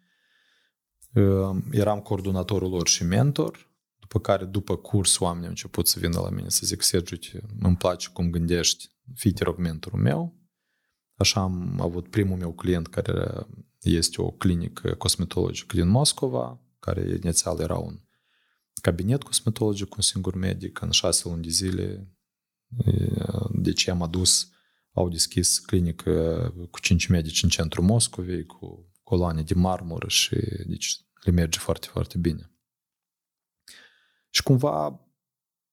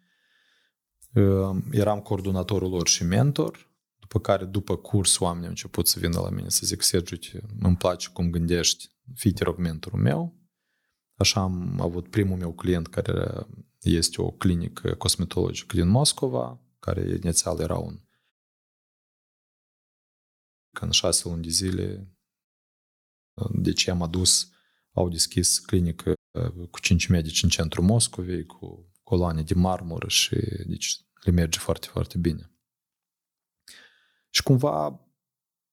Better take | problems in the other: first | audio cutting out; at 18 s for 2.5 s, at 22 s for 1 s and at 26 s

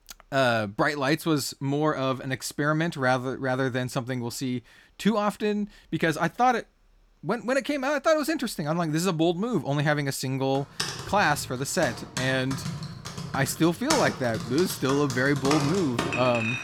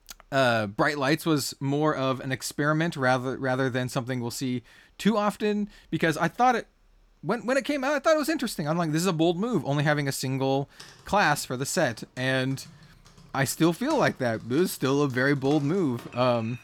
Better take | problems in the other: second | household noises; loud; from 11 s on; 6 dB below the speech; faint in the second

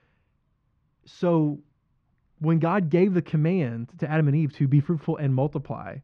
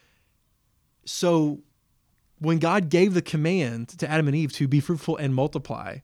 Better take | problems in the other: second | muffled; very; fading above 2 kHz

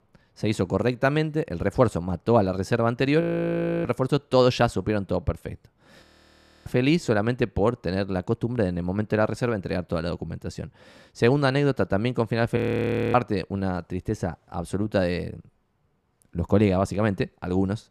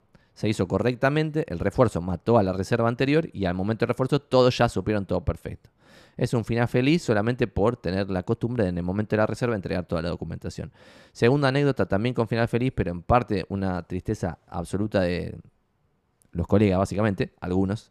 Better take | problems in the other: second | audio freezing; at 3 s for 0.5 s, at 6 s for 0.5 s and at 13 s for 0.5 s

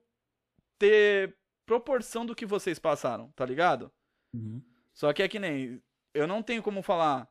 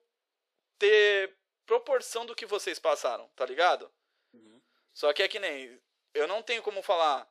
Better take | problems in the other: first | thin; very; fading below 450 Hz

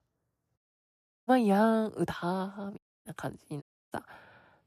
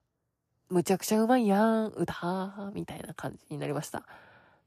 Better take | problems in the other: second | audio cutting out; at 0.5 s for 0.5 s, at 3 s and at 3.5 s

